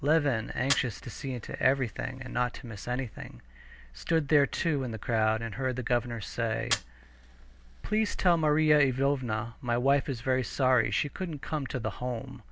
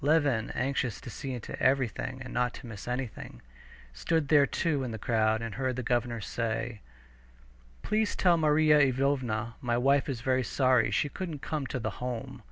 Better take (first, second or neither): second